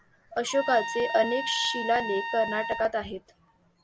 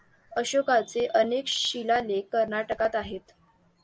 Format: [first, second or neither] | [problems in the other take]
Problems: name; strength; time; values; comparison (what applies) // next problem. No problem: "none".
second | background sound (Trumpet); 6 dB below the speech